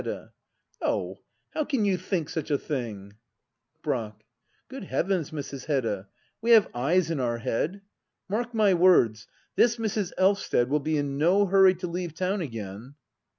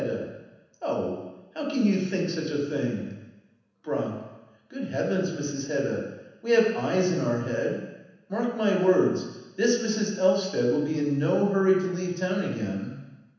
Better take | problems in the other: first | room echo; dies away in 1.1 s

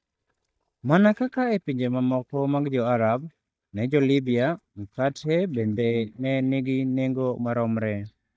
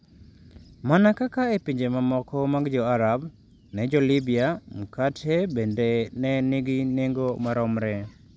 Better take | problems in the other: second | noise reduction (neural mask model DeepFilterNet 3)

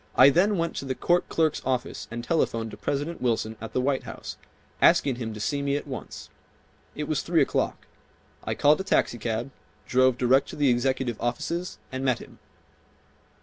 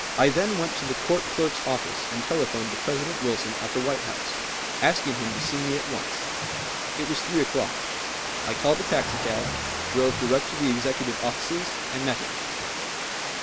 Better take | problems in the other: first | background sound (Water); 2 dB below the speech

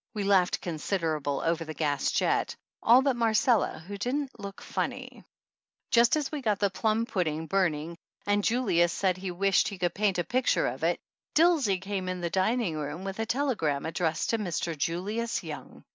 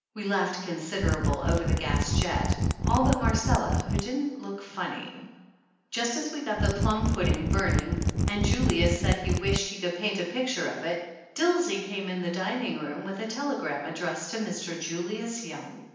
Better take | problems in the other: first | background sound (Mechanisms); 4 dB above the speech // room echo; dies away in 0.9 s

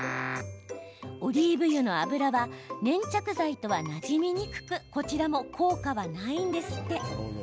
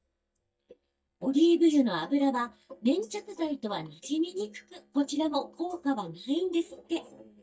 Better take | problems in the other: first | noise reduction (neural mask model DeepFilterNet 3)

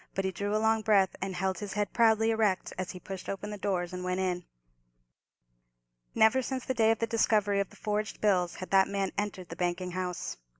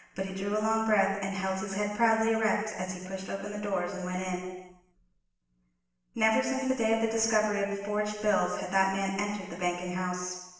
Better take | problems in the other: first | room echo; dies away in 1 s

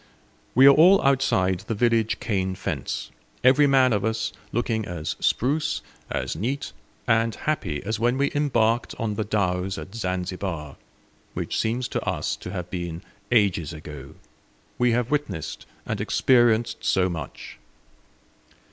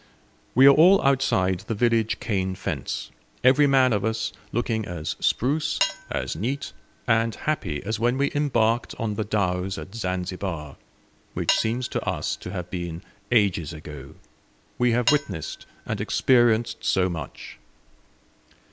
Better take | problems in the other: first | background sound (Cutlery, silverware / Dishes, pots, and pans); 12 dB below the speech

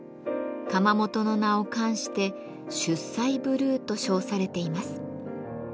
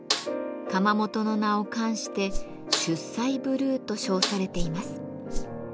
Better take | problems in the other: first | background sound (Snare drum + Whoosh, swoosh, swish); 5 dB below the speech

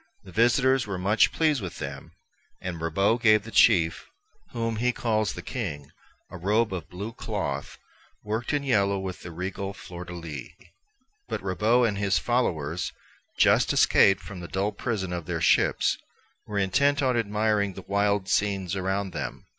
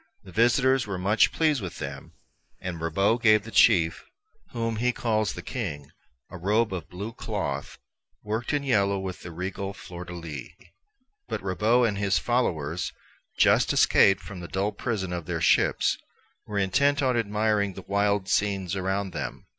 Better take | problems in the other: first | noise reduction (neural mask model Resemble Enhance denoiser)

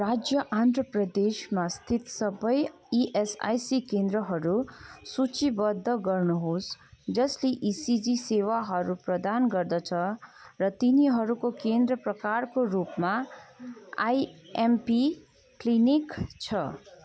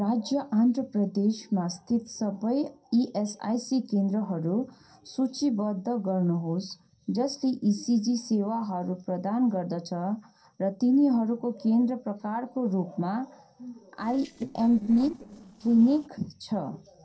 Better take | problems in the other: first | noise reduction (neural separator model SepFormer DNS4)

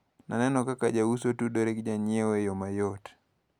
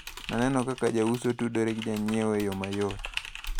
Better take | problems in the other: first | background sound (Typing); 10 dB below the speech

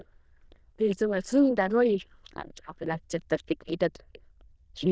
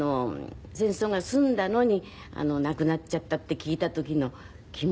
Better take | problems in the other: second | noise reduction (neural diffusion model UNIVERSE++)

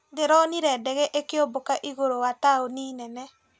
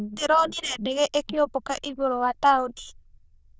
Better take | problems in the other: first | noise reduction (neural diffusion model UNIVERSE++)

